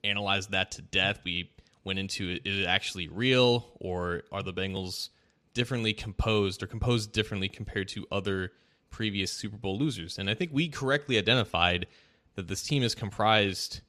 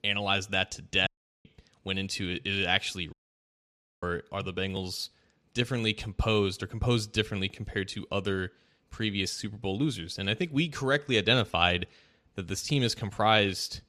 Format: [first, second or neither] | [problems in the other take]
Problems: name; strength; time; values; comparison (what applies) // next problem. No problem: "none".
first | audio cutting out; at 1 s and at 3 s for 1 s